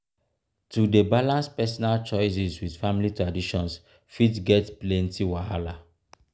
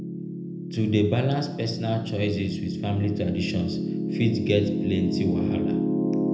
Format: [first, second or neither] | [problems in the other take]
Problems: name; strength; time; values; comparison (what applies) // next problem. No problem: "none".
first | background sound (Piano); 1 dB below the speech // room echo; dies away in 0.7 s